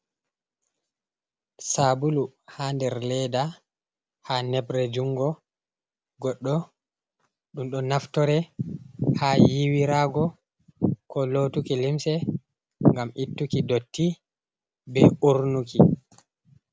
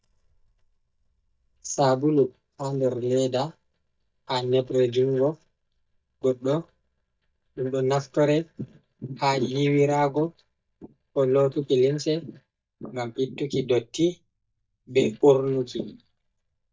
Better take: first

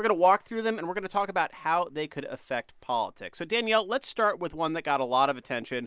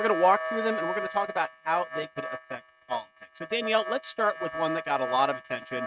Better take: first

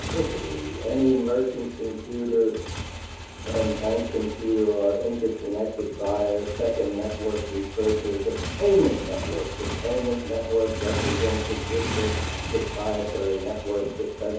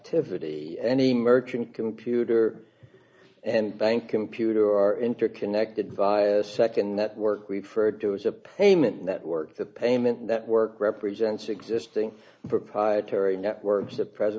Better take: second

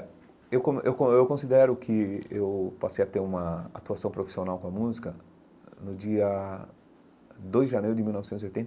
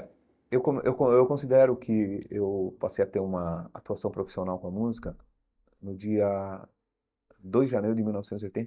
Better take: first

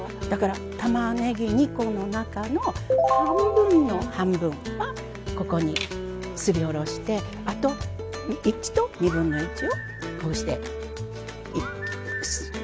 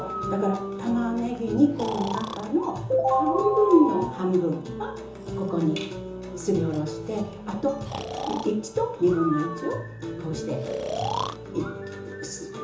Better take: first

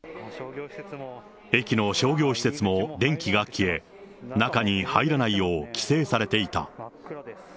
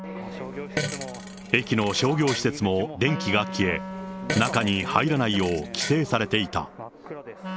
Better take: first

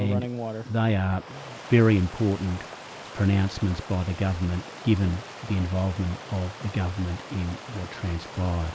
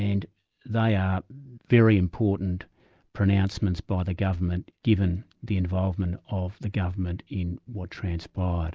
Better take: second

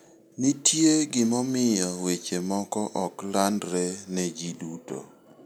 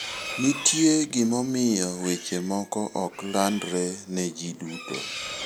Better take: first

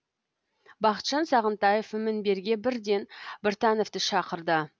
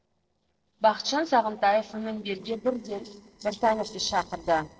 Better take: first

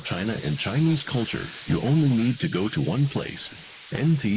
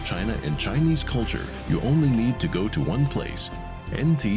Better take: second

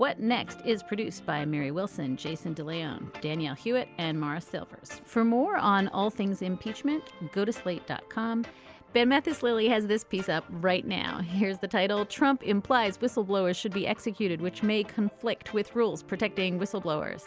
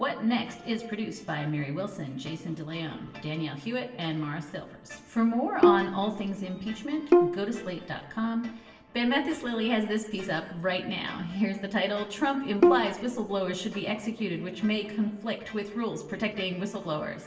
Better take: first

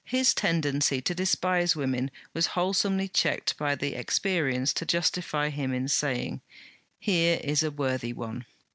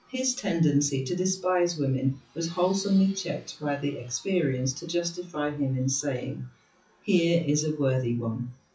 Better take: first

